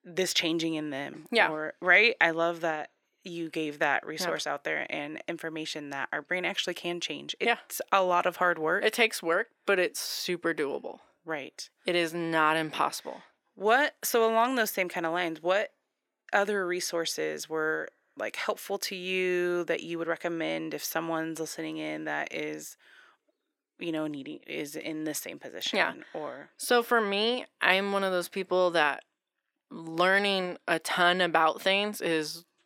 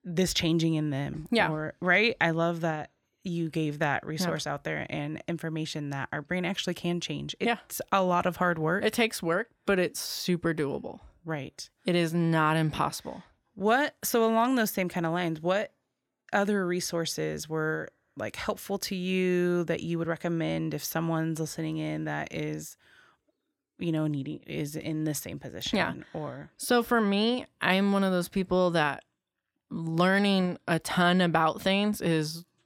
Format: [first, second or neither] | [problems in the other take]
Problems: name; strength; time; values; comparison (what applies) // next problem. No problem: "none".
second | thin; somewhat; fading below 400 Hz